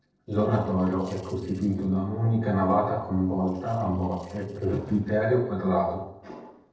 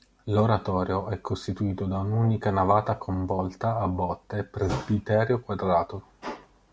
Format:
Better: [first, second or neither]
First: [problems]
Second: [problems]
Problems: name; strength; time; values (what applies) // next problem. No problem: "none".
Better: second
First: noise reduction (neural separator model SepFormer DNS4)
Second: none